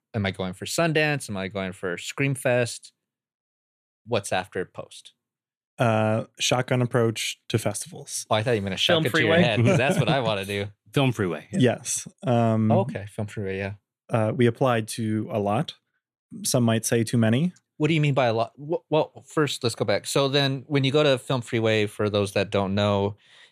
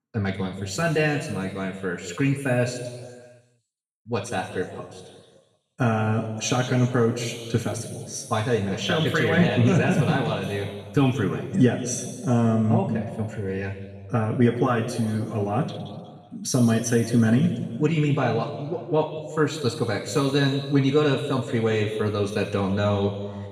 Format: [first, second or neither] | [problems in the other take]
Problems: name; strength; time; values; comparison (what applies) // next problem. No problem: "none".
first | room echo; noticeable; dies away in 1.5 s // off-mic speech; far